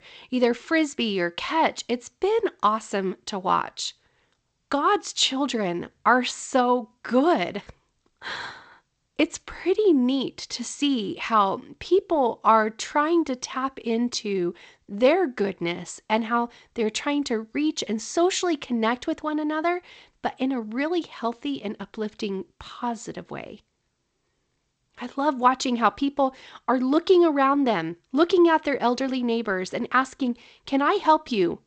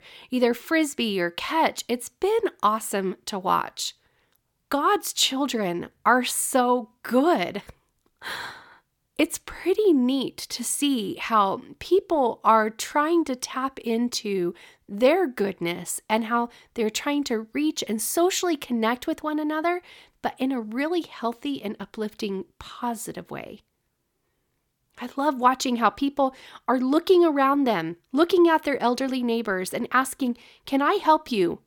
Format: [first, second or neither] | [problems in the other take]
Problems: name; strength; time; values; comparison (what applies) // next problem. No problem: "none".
second | garbled, watery; slightly; nothing above 8 kHz